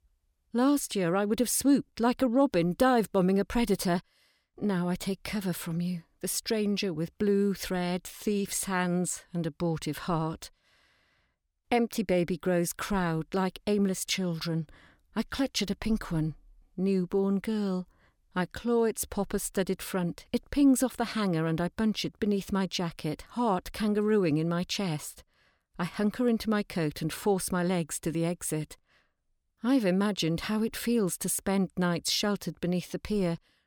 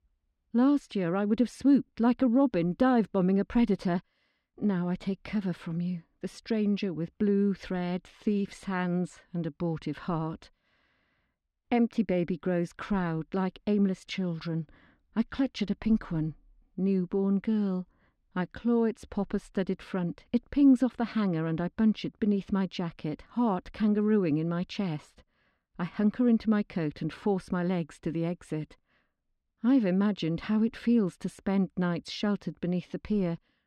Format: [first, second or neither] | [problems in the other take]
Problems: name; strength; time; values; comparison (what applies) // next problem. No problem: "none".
first | muffled; slightly; fading above 3 kHz